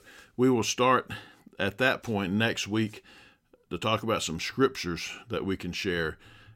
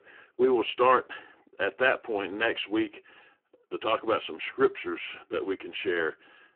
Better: first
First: none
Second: phone-call audio; poor line

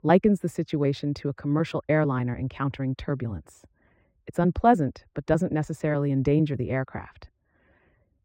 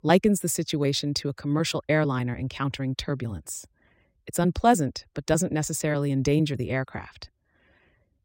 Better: second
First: muffled; very; fading above 3.5 kHz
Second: none

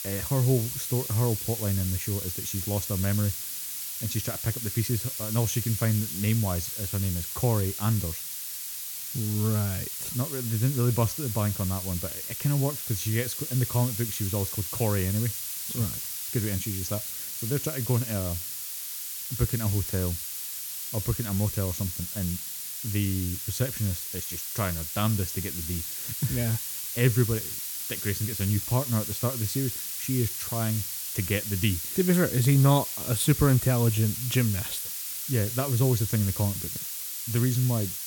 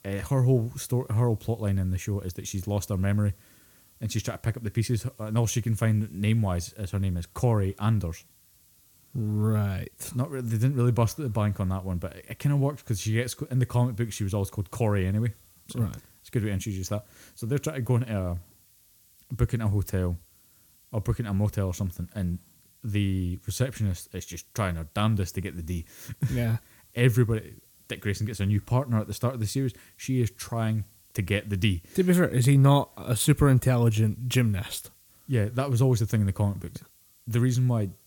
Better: second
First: hiss; loud; throughout; 3 dB below the speech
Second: hiss; faint; throughout; 30 dB below the speech

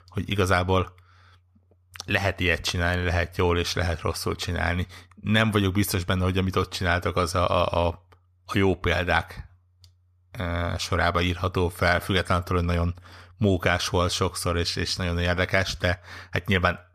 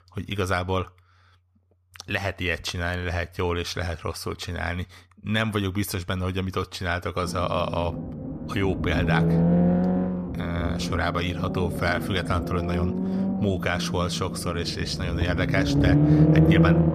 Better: first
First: none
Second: low rumble; loud; from 7 s on; 2 dB below the speech

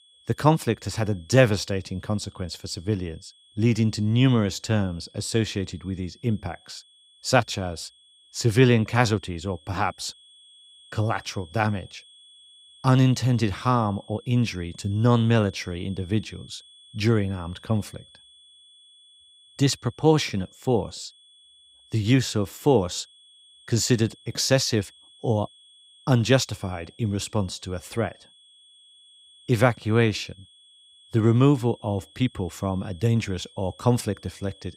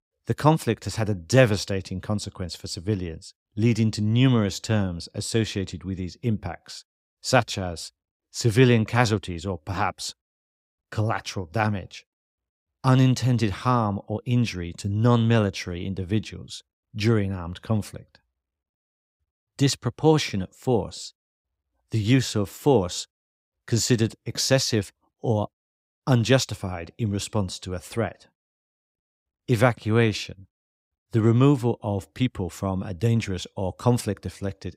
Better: second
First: high-pitched whine; faint; throughout; 3.5 kHz, 25 dB below the speech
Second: none

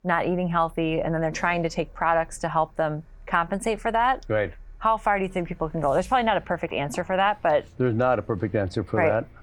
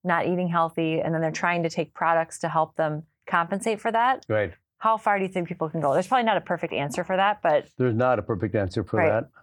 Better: second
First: traffic noise; faint; throughout; 25 dB below the speech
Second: none

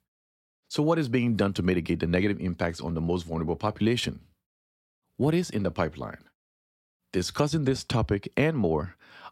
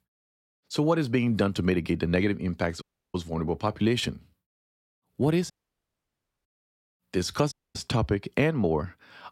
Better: first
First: none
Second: audio cutting out; at 3 s, at 5.5 s for 1 s and at 7.5 s

